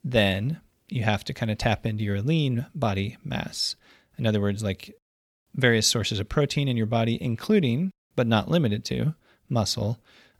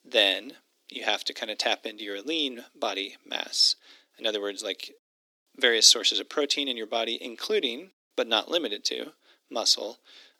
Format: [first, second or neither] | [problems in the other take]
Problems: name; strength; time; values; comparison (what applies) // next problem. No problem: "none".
first | thin; very; fading below 300 Hz